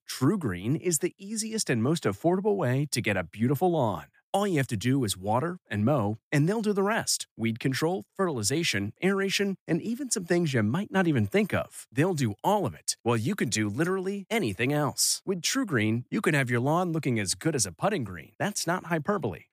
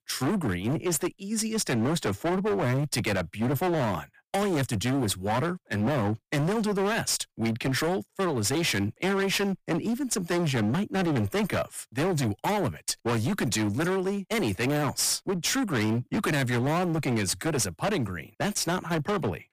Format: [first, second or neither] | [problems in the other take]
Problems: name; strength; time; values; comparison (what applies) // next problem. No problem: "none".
first | distortion; heavy; 28% of the sound clipped